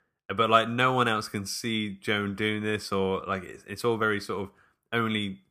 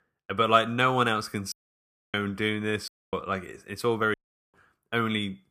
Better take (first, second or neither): first